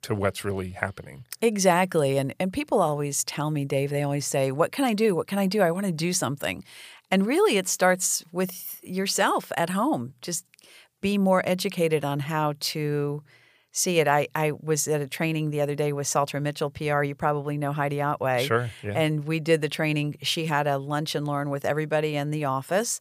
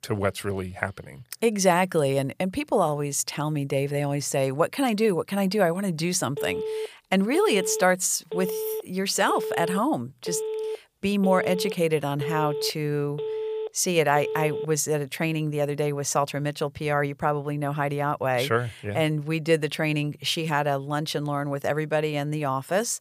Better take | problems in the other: first | phone ringing; noticeable; from 6.5 to 15 s; peak 5 dB below the speech

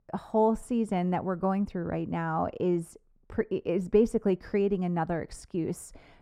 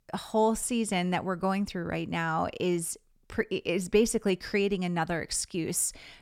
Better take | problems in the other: second | muffled; very; fading above 2 kHz

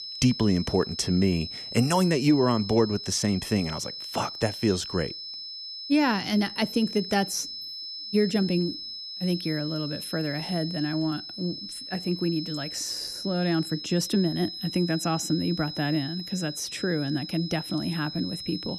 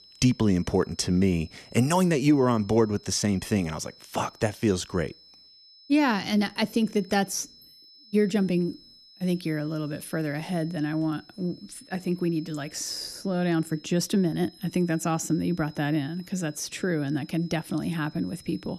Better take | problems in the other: second | high-pitched whine; loud; throughout; 5 kHz, 8 dB below the speech; faint in the second

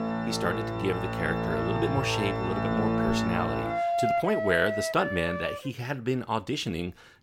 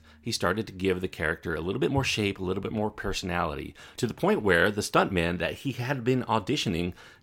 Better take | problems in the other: second | background music; very loud; until 5.5 s; 1 dB above the speech

